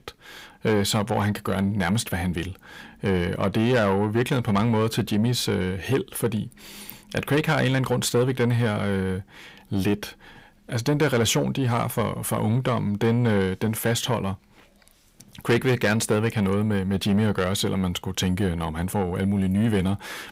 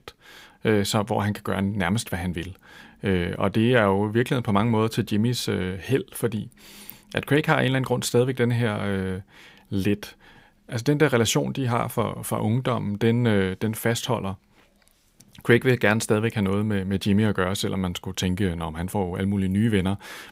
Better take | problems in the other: second | distortion; slight; 10 dB below the speech

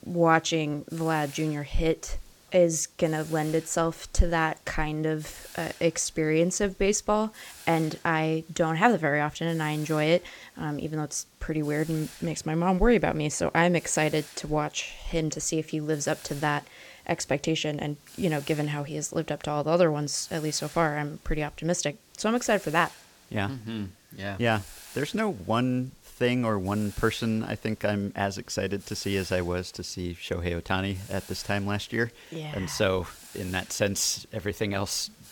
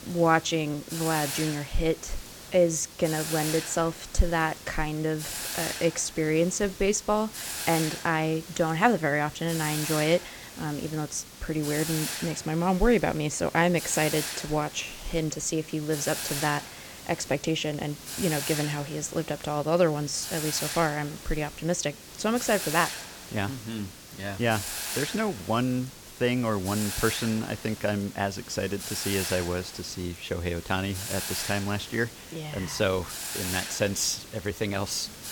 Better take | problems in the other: first | hiss; loud; throughout; 8 dB below the speech; faint in the first

